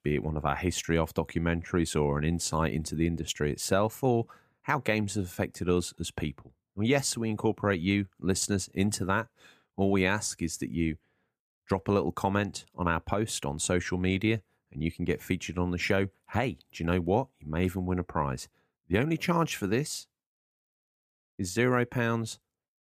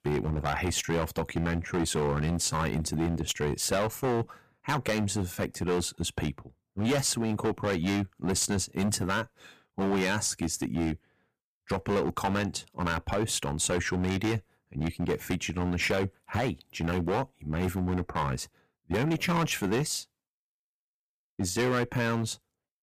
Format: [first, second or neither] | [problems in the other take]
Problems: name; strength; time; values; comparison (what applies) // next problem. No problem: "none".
first | distortion; heavy; 11% of the sound clipped